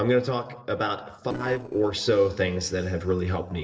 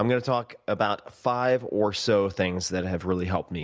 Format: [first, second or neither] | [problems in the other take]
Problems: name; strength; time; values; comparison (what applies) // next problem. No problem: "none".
second | noise reduction (neural separator model SepFormer DNS4)